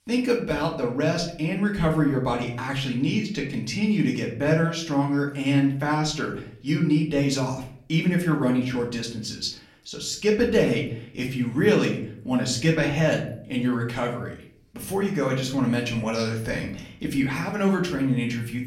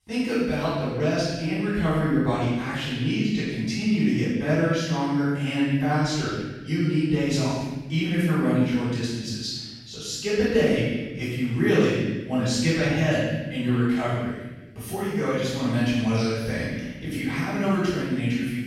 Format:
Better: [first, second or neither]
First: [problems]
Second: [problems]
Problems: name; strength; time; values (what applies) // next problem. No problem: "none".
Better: first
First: room echo; slight; dies away in 0.5 s // off-mic speech; far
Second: room echo; strong; dies away in 1.2 s // off-mic speech; far